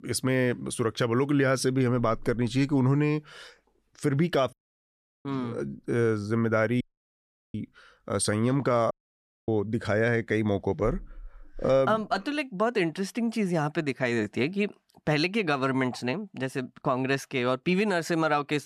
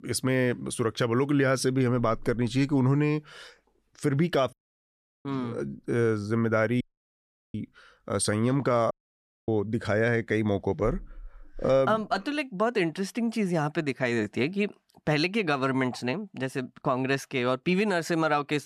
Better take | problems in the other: neither | audio cutting out; at 4.5 s for 0.5 s, at 7 s for 0.5 s and at 9 s for 0.5 s; the same in both

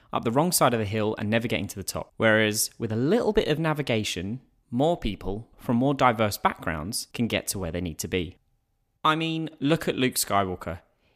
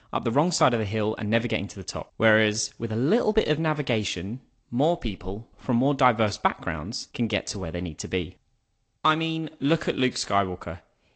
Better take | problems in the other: first | garbled, watery; slightly; nothing above 8 kHz

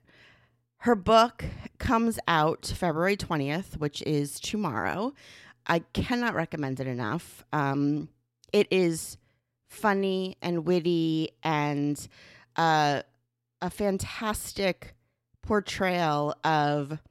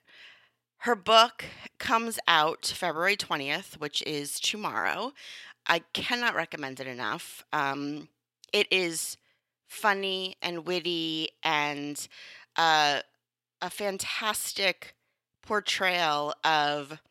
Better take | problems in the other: first | thin; somewhat; fading below 1 kHz

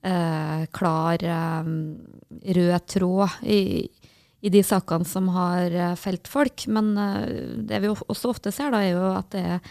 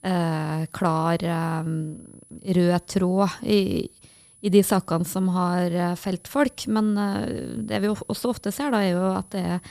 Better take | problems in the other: first | high-pitched whine; faint; throughout; 10 kHz, 25 dB below the speech

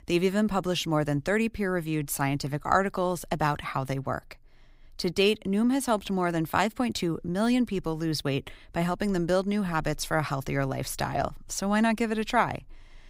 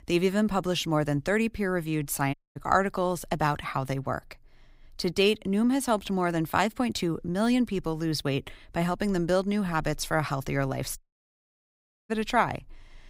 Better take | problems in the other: first | audio cutting out; at 2.5 s and at 11 s for 1 s

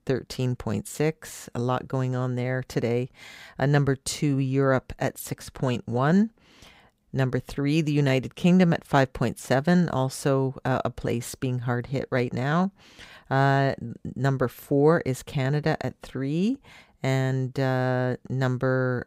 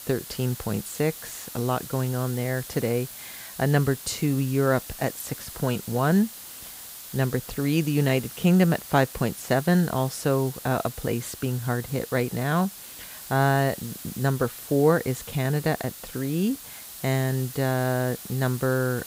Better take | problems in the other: first | hiss; noticeable; throughout; 10 dB below the speech

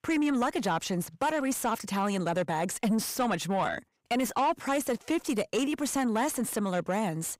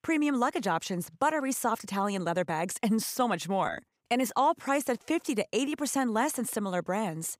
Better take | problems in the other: second | distortion; slight; 10 dB below the speech

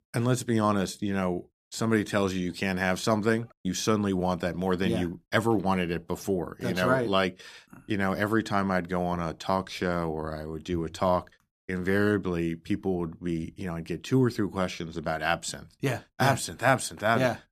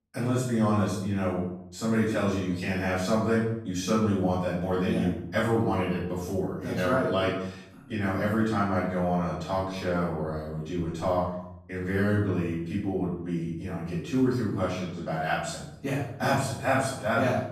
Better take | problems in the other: first | room echo; noticeable; dies away in 0.7 s // off-mic speech; far

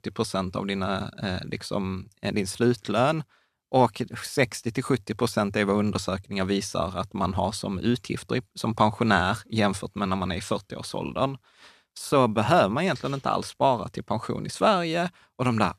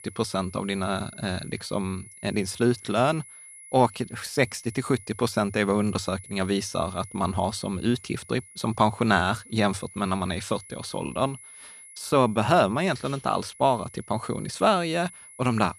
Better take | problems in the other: first | high-pitched whine; noticeable; throughout; 10.5 kHz, 20 dB below the speech

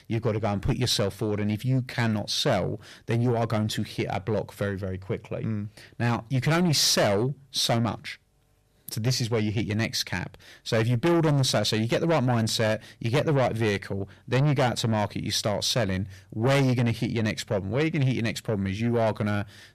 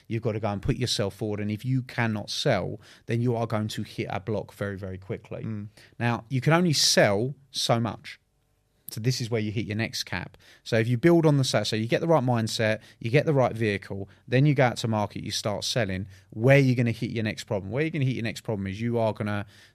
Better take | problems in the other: second | distortion; heavy; 8 dB below the speech

